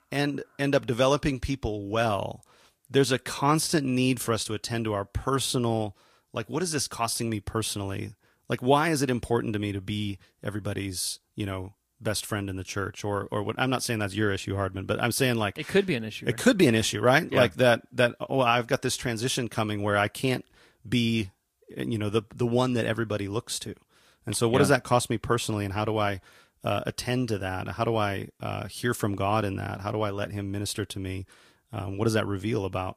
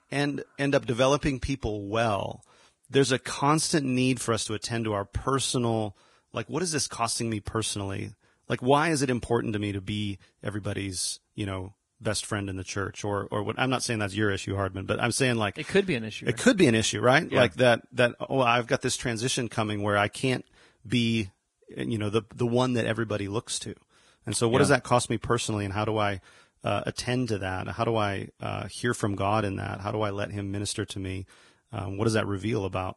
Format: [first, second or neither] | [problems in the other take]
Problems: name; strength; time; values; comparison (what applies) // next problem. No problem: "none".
first | garbled, watery; badly; nothing above 10.5 kHz; slightly in the first